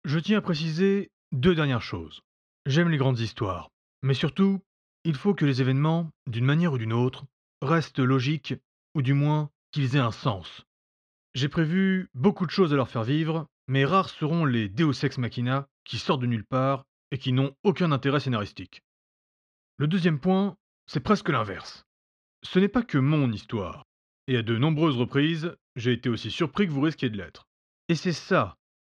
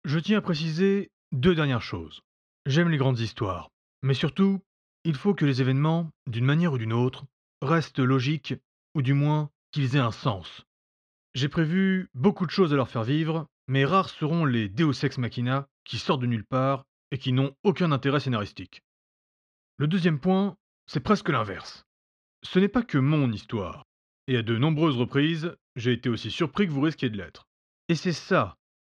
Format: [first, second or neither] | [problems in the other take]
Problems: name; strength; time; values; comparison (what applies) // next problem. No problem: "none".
neither | muffled; slightly; fading above 4 kHz; the same in both